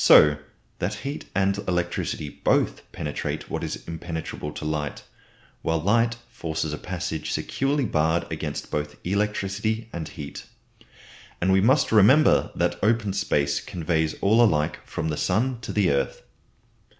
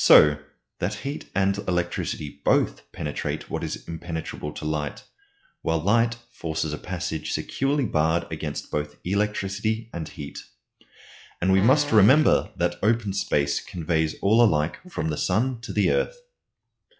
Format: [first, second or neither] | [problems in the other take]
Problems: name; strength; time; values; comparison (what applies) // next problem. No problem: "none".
first | noise reduction (classical method log-MMSE)